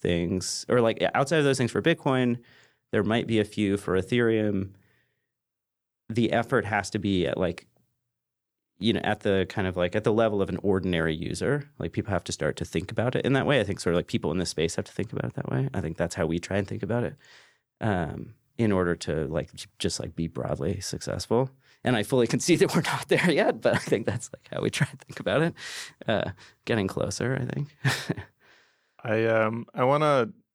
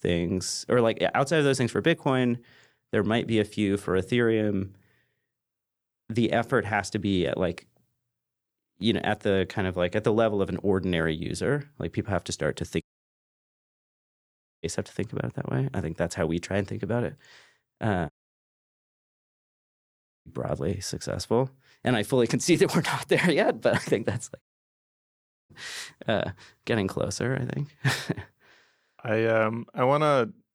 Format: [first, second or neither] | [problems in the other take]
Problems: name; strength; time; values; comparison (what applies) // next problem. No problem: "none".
first | audio cutting out; at 13 s for 2 s, at 18 s for 2 s and at 24 s for 1 s